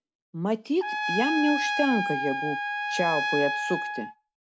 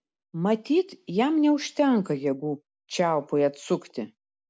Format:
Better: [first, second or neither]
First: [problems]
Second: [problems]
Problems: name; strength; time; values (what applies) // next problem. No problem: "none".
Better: second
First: background sound (Trumpet); 1 dB below the speech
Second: none